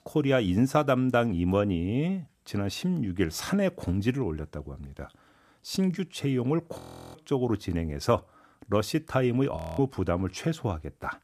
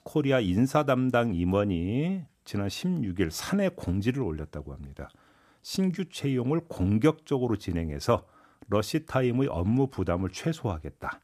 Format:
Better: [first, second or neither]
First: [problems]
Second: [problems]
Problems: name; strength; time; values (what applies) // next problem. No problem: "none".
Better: second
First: audio freezing; at 7 s and at 9.5 s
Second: none